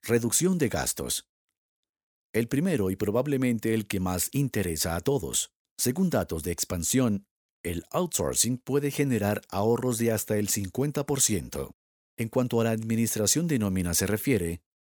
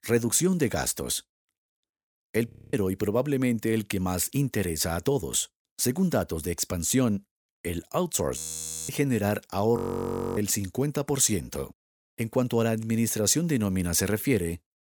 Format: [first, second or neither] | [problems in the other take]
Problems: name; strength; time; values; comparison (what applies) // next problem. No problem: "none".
first | audio freezing; at 2.5 s, at 8.5 s for 0.5 s and at 10 s for 0.5 s